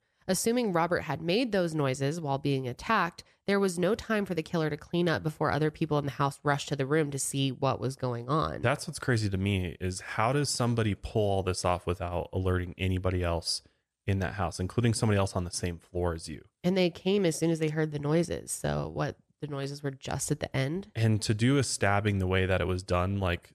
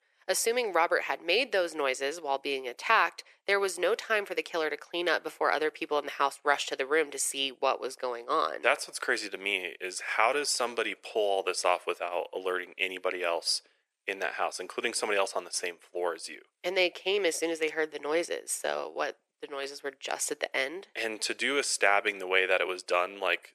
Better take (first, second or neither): first